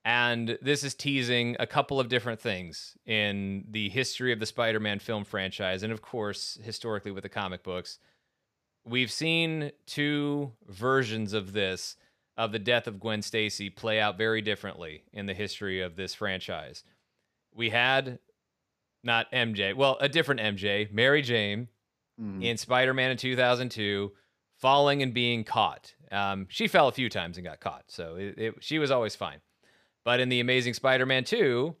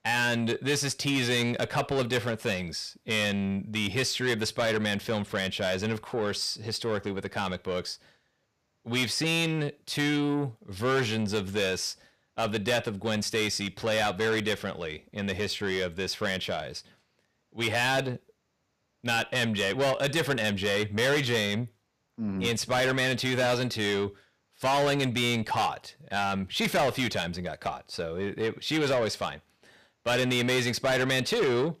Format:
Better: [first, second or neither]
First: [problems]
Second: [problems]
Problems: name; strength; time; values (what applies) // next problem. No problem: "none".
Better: first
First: none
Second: distortion; heavy; 6 dB below the speech